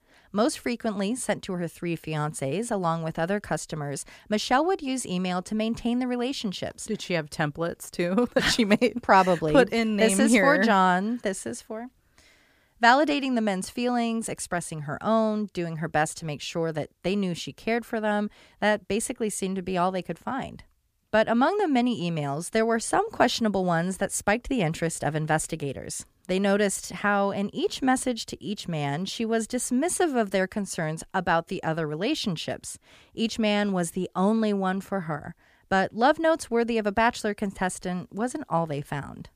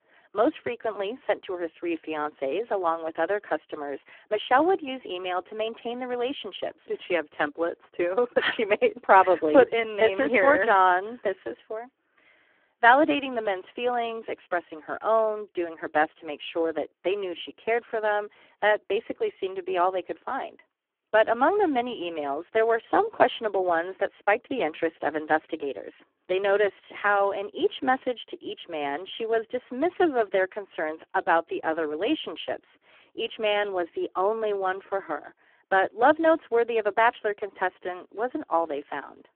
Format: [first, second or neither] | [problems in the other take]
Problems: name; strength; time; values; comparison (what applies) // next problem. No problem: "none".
first | phone-call audio; poor line